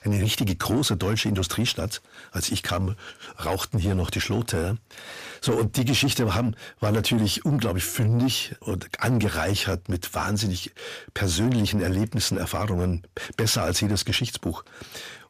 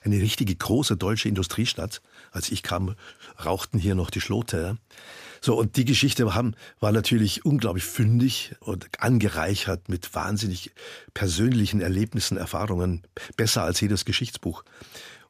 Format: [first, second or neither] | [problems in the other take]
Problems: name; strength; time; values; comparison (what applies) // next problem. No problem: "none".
second | distortion; slight; 10 dB below the speech